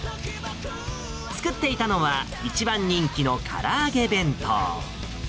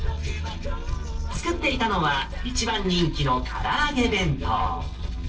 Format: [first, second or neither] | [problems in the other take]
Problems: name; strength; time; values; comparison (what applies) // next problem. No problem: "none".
first | noise reduction (neural separator model SepFormer DNS4)